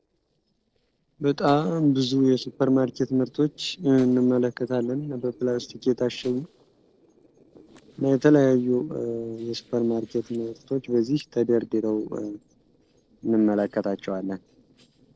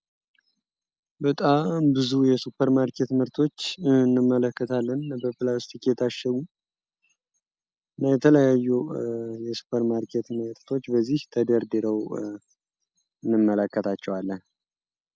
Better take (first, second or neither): second